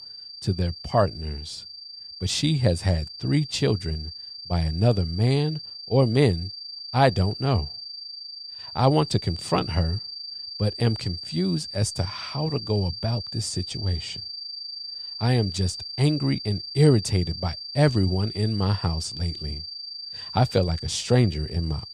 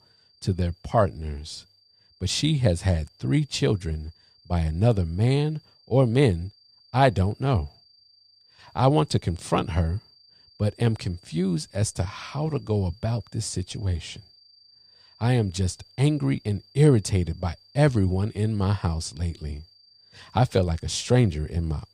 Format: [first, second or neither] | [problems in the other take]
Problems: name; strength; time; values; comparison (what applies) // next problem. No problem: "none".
second | high-pitched whine; loud; throughout; 4.5 kHz, 9 dB below the speech; faint in the second